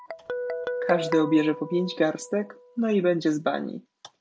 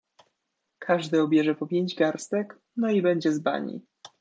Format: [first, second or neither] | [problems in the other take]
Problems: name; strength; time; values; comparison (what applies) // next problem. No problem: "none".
second | background sound (Guitar); 9 dB below the speech